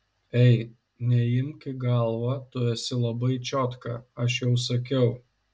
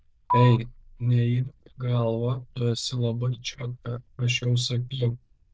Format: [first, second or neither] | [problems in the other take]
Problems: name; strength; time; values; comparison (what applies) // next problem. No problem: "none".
first | noise reduction (neural diffusion model UNIVERSE++)